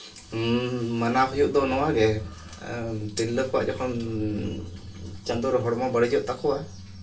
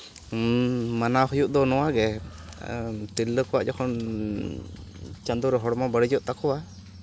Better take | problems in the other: second | room echo; dies away in 0.2 s

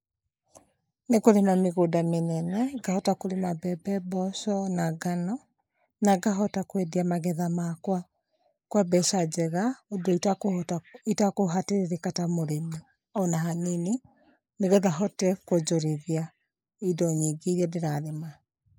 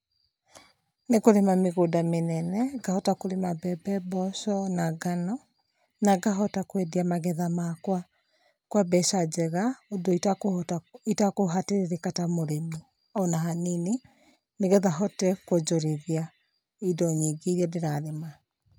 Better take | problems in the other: second | noise reduction (neural mask model Resemble Enhance denoiser)

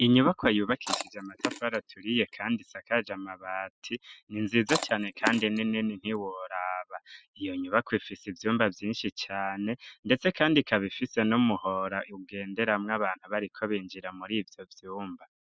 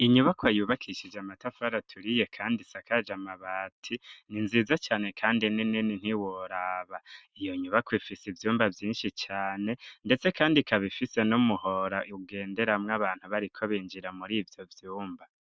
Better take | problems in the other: second | noise reduction (classical method spectral subtraction)

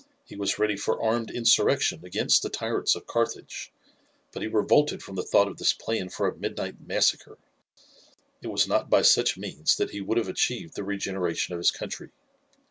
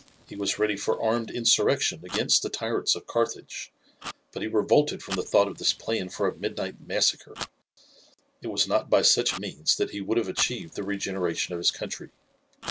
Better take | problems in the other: first | background sound (Fire); 18 dB below the speech

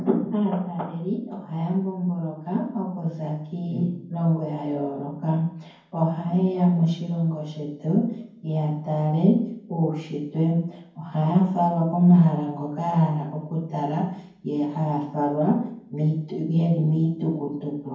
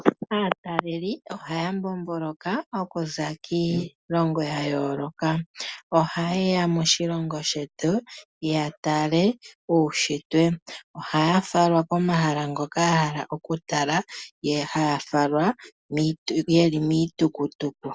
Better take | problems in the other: second | room echo; dies away in 0.9 s

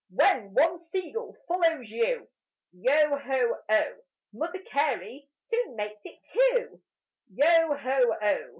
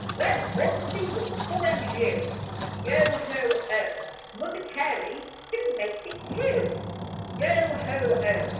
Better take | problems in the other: first | background sound (Engine); 6 dB below the speech // room echo; dies away in 0.9 s

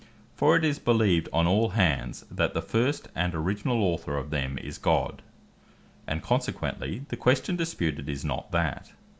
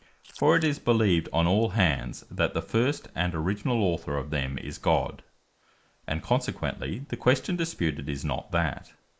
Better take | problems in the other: first | noise reduction (neural mask model Resemble Enhance denoiser)

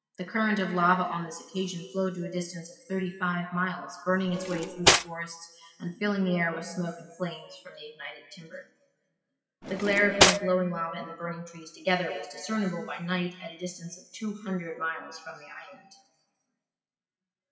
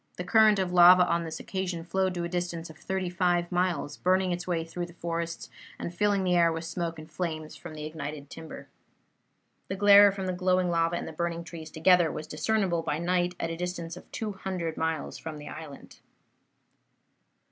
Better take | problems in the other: second | noise reduction (classical method WPE with log-MMSE)

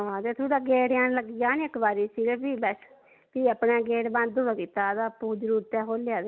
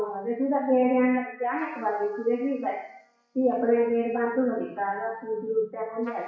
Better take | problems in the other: first | noise reduction (classical method WPE with log-MMSE)

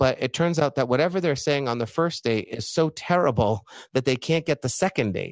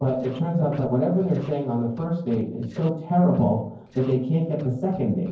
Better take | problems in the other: first | noise reduction (neural separator model SepFormer DNS4)

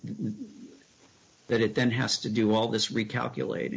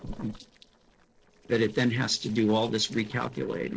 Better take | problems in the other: first | noise reduction (neural separator model SepFormer DNS4)

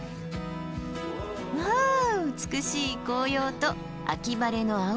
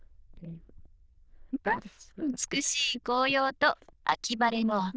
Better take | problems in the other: first | noise reduction (neural diffusion model UNIVERSE++)

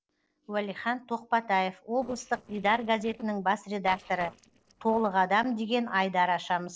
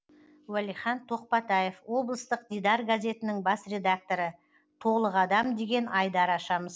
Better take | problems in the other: second | noise reduction (neural separator model SepFormer DNS4)

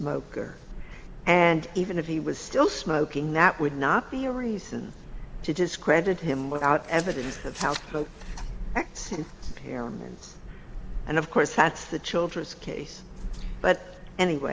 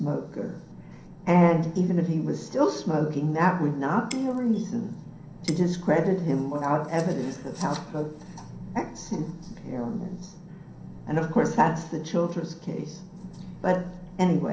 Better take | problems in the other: first | background sound (Shatter); 19 dB below the speech // room echo; dies away in 0.6 s

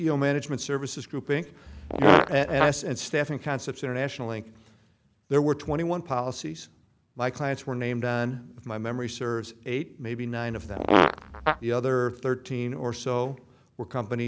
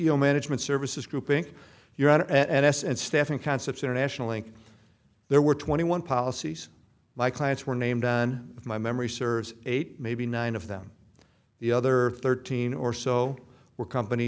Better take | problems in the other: second | background sound (Fart); 4 dB above the speech

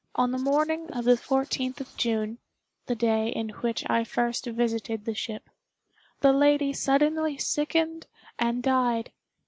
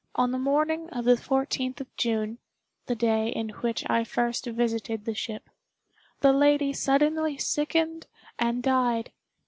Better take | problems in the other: second | noise reduction (neural mask model Resemble Enhance denoiser)

